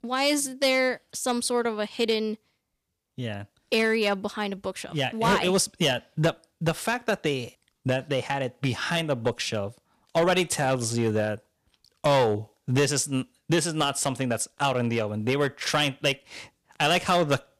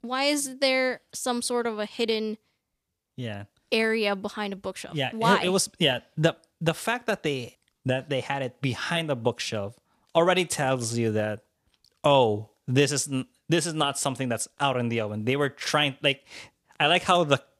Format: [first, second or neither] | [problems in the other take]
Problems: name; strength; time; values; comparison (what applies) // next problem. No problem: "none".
second | distortion; slight; 3% of the sound clipped